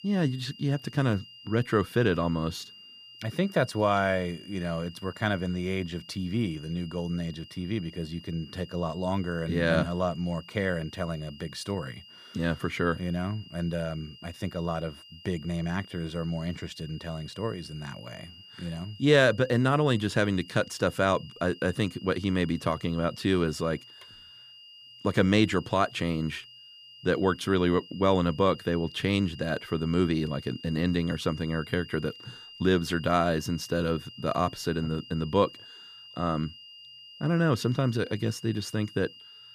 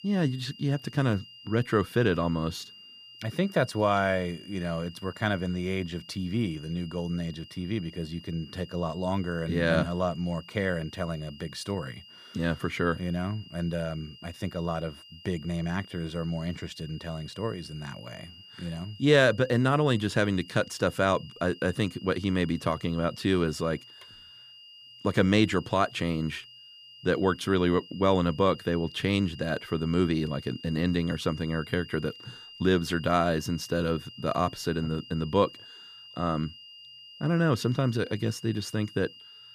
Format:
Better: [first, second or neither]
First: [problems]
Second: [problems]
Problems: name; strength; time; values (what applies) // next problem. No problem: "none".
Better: neither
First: high-pitched whine; noticeable; throughout; 3 kHz, 20 dB below the speech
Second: high-pitched whine; noticeable; throughout; 3 kHz, 20 dB below the speech